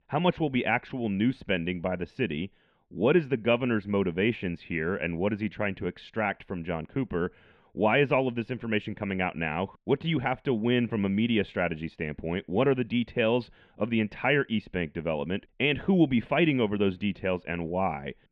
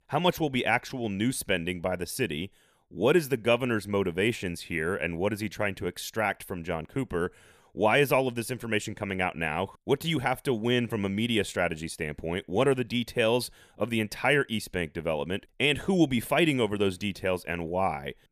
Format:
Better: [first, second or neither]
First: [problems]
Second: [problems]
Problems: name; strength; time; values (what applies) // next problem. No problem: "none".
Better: second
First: muffled; very; fading above 3 kHz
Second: none